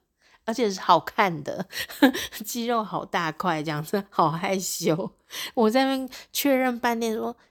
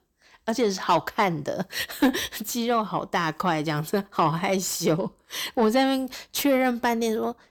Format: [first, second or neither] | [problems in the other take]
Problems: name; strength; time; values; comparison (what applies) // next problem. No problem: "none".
first | distortion; slight; 10 dB below the speech